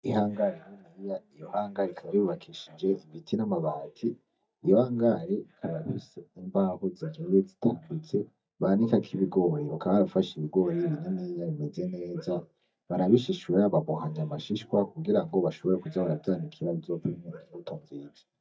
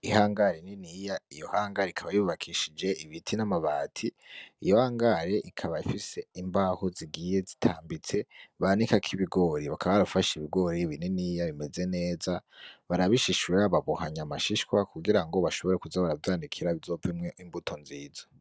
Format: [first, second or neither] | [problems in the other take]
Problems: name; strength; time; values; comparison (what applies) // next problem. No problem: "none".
second | noise reduction (neural mask model DeepFilterNet 3)